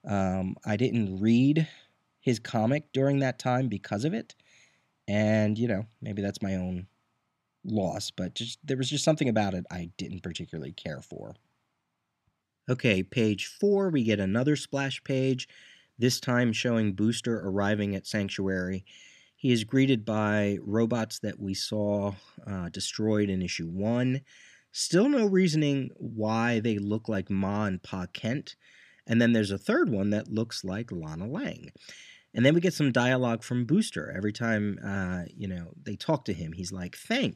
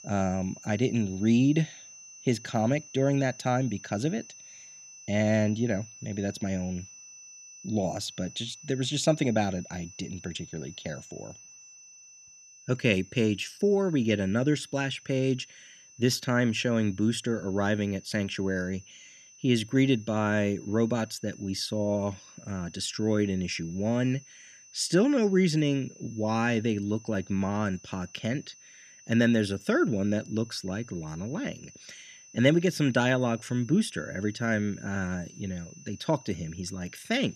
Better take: first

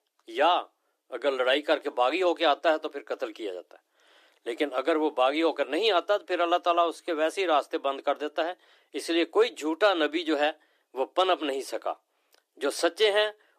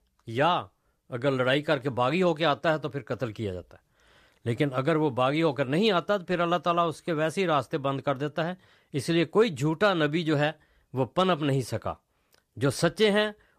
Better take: second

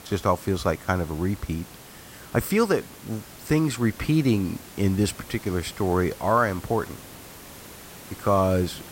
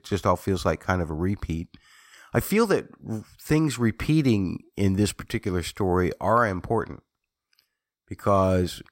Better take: second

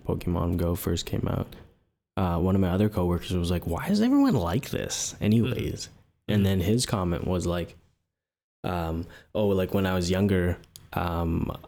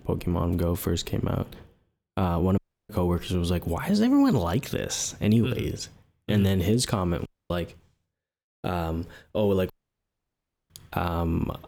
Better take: first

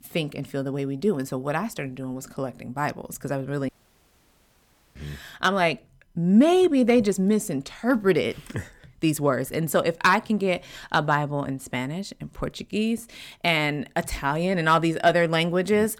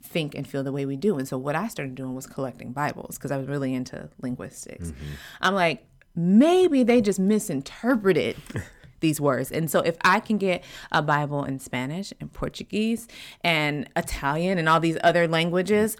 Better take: second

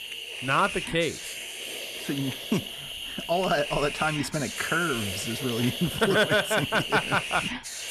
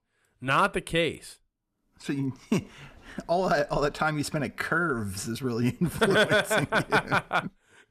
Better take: second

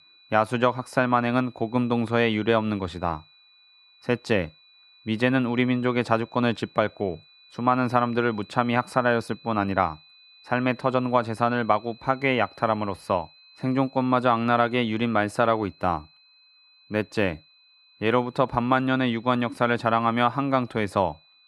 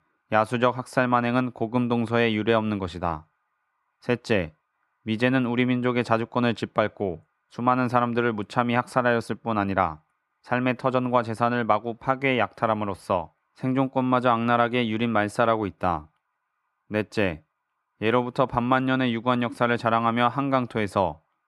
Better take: second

